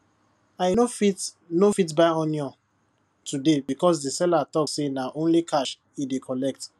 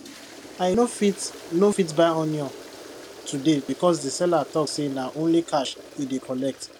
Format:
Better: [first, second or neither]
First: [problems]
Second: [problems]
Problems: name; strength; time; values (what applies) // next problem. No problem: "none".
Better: first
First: none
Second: background sound (Toilet flush); 17 dB below the speech